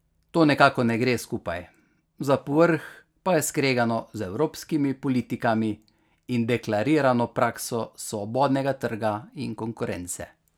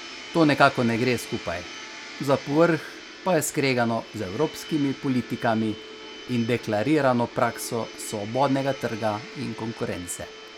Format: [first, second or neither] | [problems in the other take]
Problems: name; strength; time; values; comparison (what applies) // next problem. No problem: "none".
first | background sound (Domestic sounds, home sounds); 15 dB below the speech